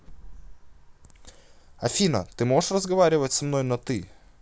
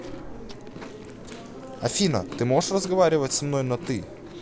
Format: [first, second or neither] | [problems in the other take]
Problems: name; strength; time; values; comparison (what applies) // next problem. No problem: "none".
first | background sound (Chewing, mastication); 12 dB below the speech